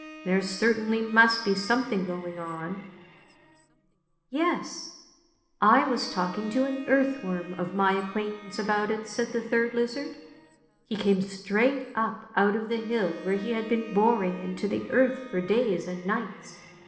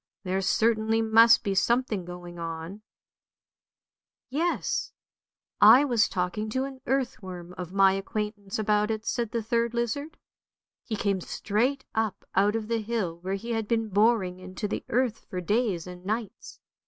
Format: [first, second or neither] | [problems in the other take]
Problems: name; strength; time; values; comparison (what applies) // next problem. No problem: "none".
second | background sound (Bowed string instrument); 20 dB below the speech // room echo; dies away in 1.1 s